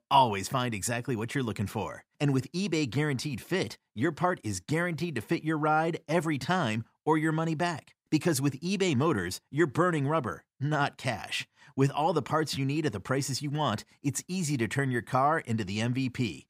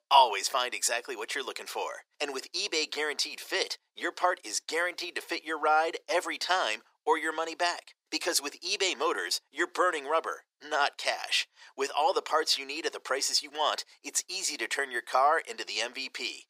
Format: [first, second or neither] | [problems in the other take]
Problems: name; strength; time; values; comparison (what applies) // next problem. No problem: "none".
first | thin; very; fading below 450 Hz